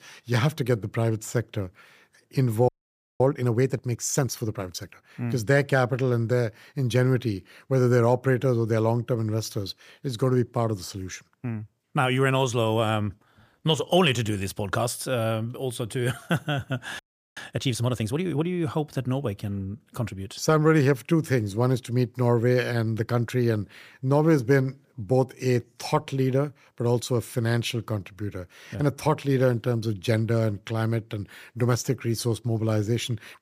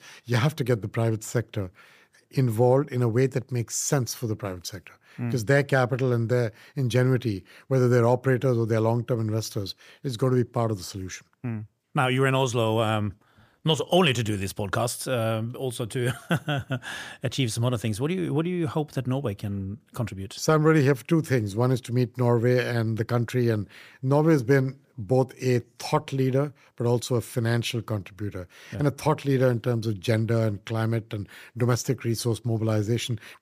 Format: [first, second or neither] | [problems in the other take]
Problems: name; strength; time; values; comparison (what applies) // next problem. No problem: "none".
second | audio freezing; at 2.5 s for 0.5 s and at 17 s